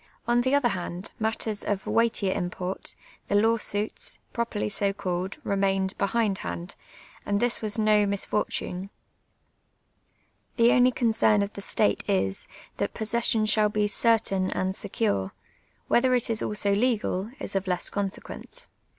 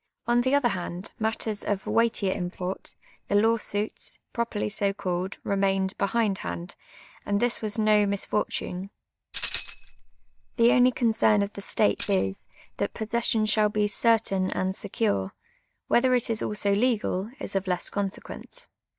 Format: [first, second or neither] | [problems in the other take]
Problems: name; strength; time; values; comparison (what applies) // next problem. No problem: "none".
first | noise reduction (neural mask model DeepFilterNet 3)